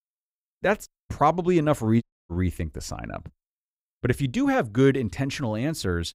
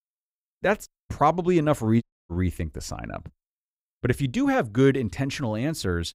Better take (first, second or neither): neither